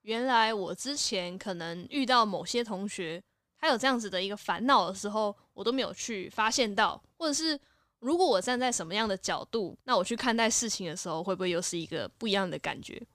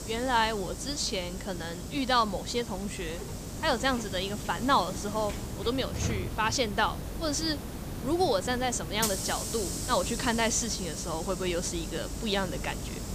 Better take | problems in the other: first | hiss; loud; throughout; 6 dB below the speech

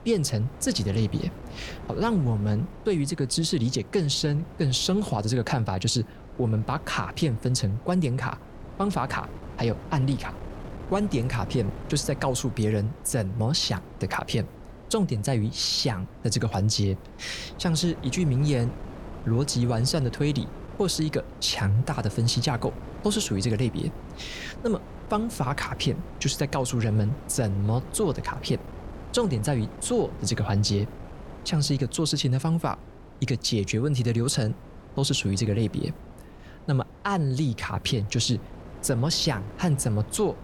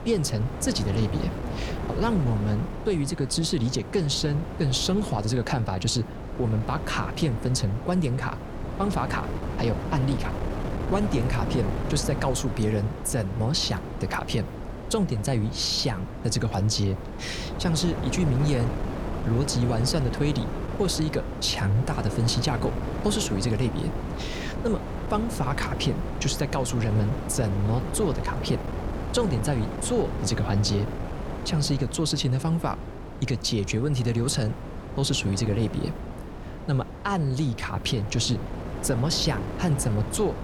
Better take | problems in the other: first | wind noise on the microphone; heavy; 7 dB below the speech; occasional gusts in the first

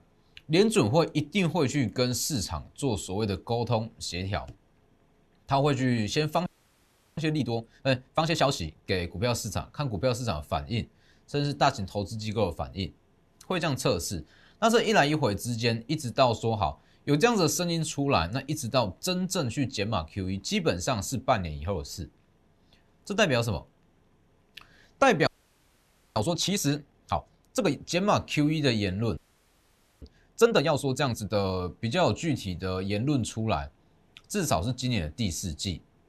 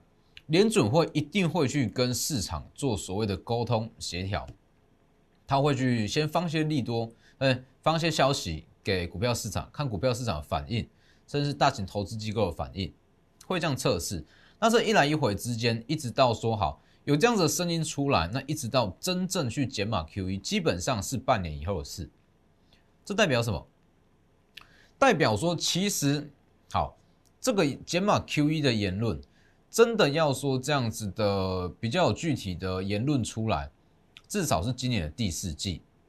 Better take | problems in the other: second | audio freezing; at 6.5 s for 0.5 s, at 25 s for 1 s and at 29 s for 1 s

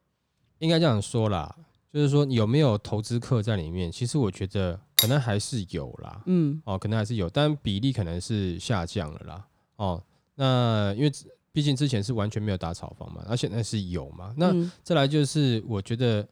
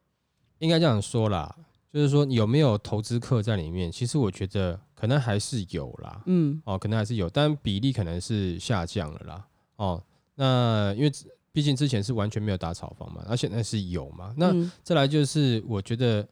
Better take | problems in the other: second | clattering dishes; loud; at 5 s; peak 4 dB above the speech

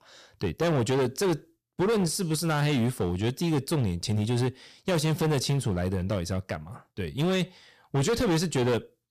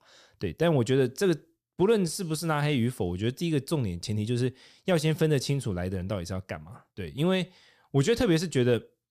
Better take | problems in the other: second | distortion; heavy; 16% of the sound clipped

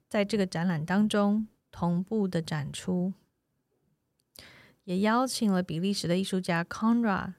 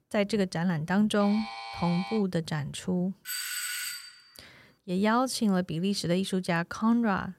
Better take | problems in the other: first | alarm; noticeable; from 1 to 2 s; peak 9 dB below the speech // doorbell; noticeable; at 3.5 s; peak 3 dB below the speech

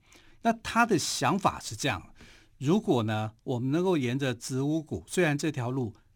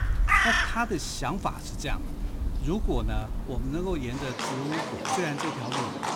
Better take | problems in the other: first | animal sounds; very loud; throughout; 3 dB above the speech

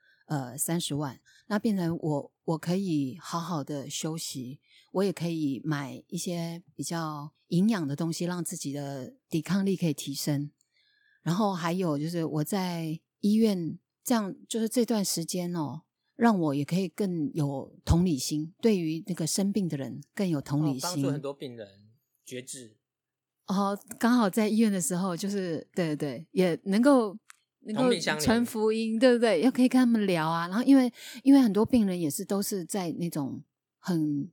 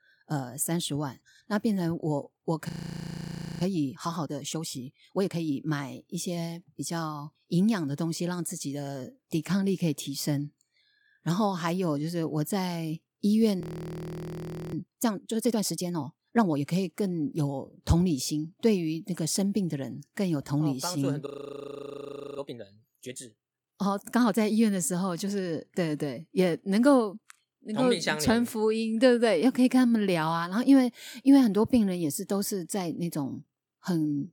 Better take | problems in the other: first | audio freezing; at 2.5 s for 1 s, at 14 s for 1 s and at 21 s for 1 s

